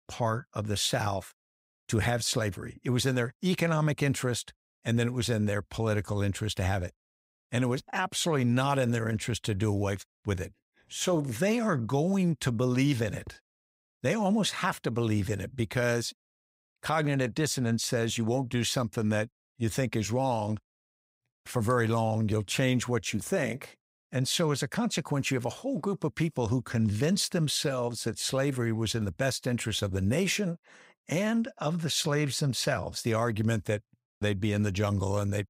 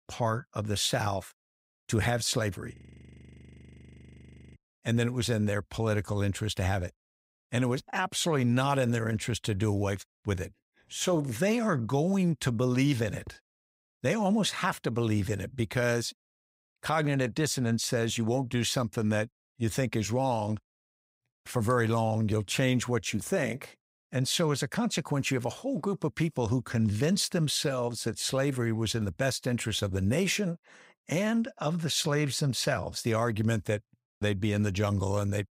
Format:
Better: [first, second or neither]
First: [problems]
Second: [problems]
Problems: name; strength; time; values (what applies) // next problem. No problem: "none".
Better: first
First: none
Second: audio freezing; at 3 s for 2 s